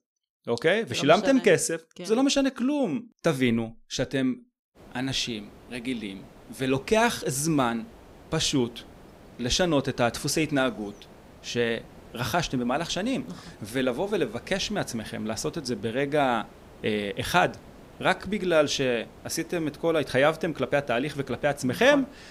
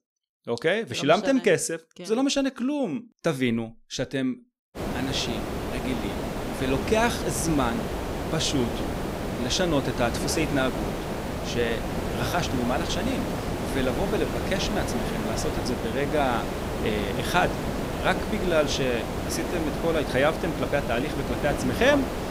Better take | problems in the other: first | hiss; loud; from 5 s on; 3 dB below the speech; faint in the first

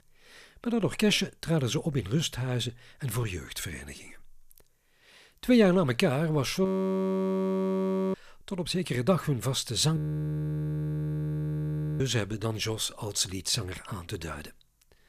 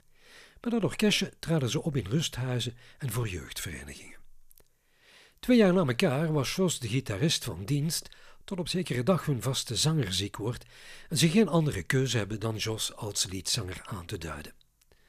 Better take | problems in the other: second | audio freezing; at 6.5 s for 1.5 s and at 10 s for 2 s

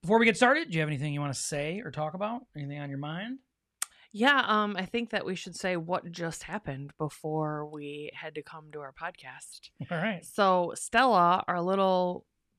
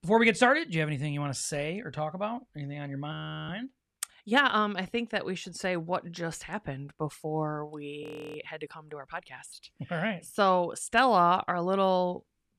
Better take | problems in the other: first | audio freezing; at 3 s and at 8 s

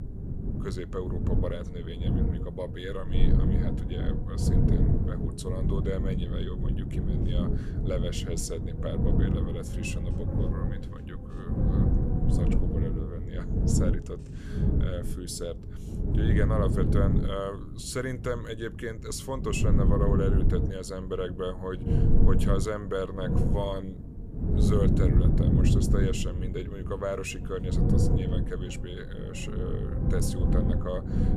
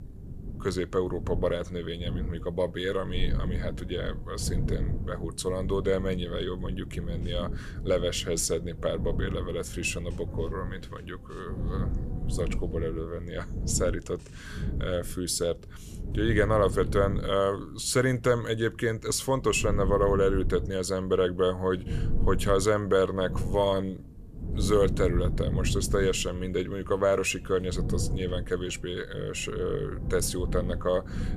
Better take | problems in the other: second | wind noise on the microphone; heavy; 1 dB below the speech; occasional gusts in the second

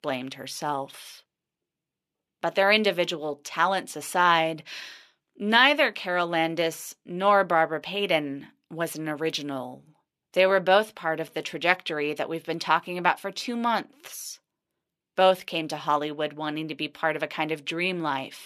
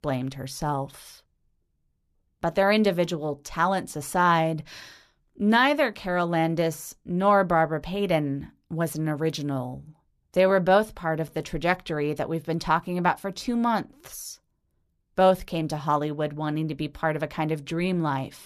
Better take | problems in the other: second | thin; very slightly; fading below 250 Hz

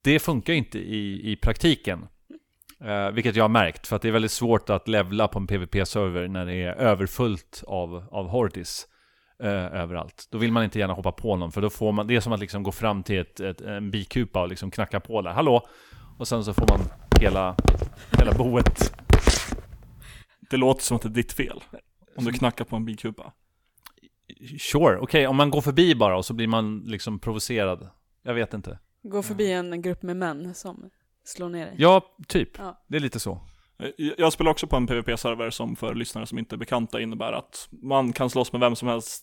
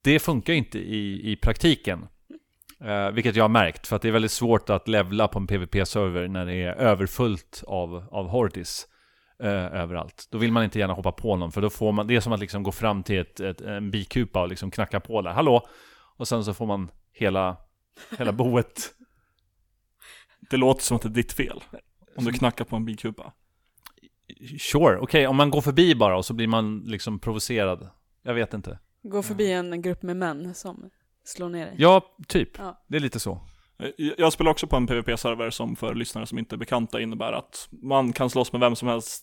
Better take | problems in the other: second | footsteps; loud; from 17 to 20 s; peak 6 dB above the speech

